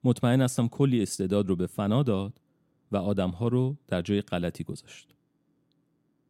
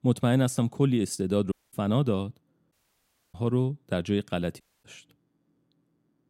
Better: first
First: none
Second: audio cutting out; at 1.5 s, at 2.5 s for 0.5 s and at 4.5 s

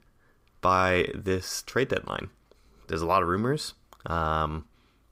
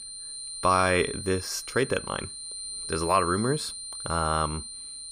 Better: first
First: none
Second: high-pitched whine; loud; throughout; 9 kHz, 8 dB below the speech

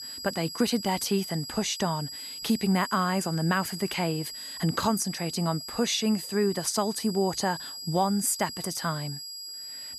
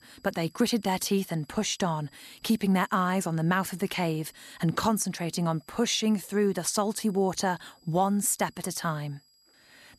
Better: second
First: high-pitched whine; loud; throughout; 5 kHz, 8 dB below the speech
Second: high-pitched whine; faint; throughout; 5 kHz, 30 dB below the speech

